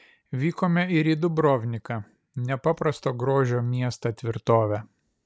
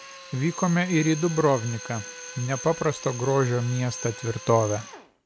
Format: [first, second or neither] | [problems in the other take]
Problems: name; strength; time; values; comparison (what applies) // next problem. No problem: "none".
first | background sound (Drill); 14 dB below the speech